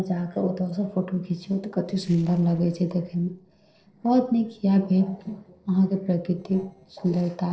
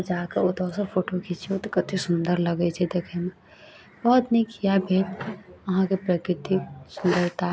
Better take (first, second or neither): second